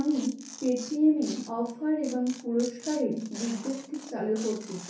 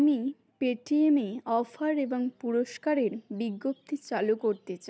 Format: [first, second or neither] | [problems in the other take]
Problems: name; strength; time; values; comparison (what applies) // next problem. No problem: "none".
second | background sound (Tearing); 17 dB below the speech // room echo; dies away in 0.6 s